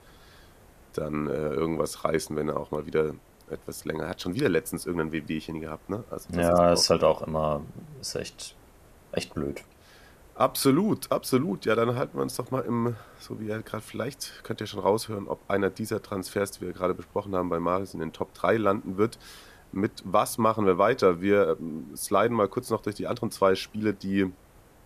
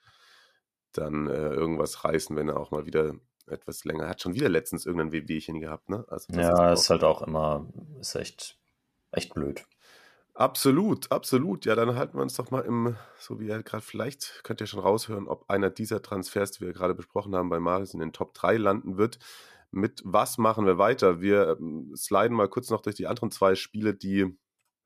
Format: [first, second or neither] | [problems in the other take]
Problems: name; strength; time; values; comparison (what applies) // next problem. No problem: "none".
second | hiss; faint; throughout; 30 dB below the speech